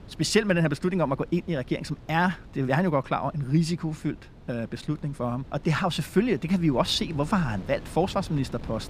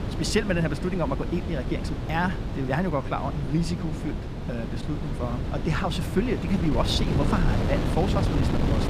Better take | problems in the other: first | wind noise on the microphone; heavy; 5 dB below the speech; occasional gusts in the first

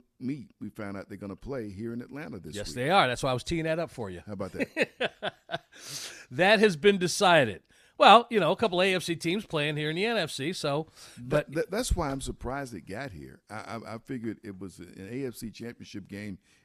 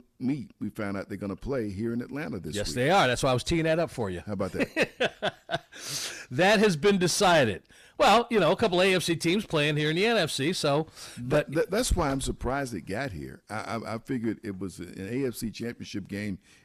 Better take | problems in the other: first | distortion; heavy; 7 dB below the speech

